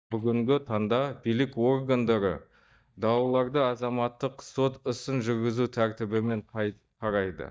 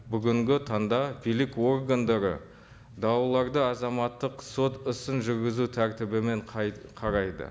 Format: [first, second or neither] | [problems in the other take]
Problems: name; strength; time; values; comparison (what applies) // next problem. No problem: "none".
second | noise reduction (neural mask model DeepFilterNet 3)